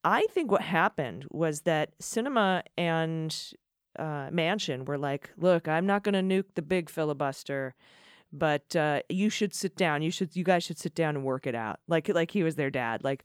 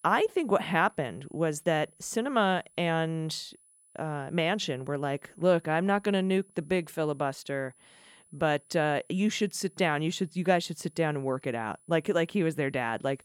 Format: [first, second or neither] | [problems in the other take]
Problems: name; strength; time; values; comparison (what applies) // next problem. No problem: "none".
first | high-pitched whine; faint; throughout; 10 kHz, 30 dB below the speech